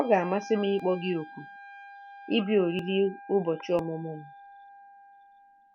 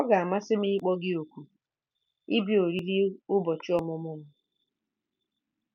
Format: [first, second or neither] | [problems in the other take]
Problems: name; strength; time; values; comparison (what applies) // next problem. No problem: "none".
second | background sound (Wind instrument, woodwind instrument); 17 dB below the speech